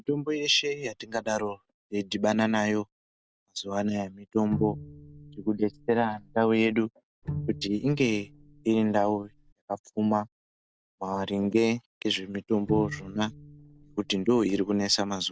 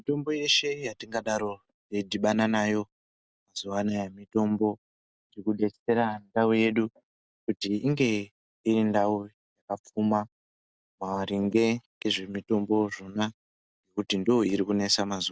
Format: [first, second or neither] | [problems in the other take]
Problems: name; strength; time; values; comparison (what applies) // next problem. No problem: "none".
second | background sound (Bowed string instrument); 12 dB below the speech